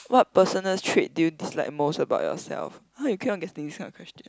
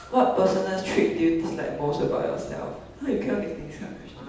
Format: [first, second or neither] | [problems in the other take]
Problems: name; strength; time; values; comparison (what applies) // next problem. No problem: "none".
first | background sound (Fowl); 20 dB below the speech // room echo; dies away in 0.8 s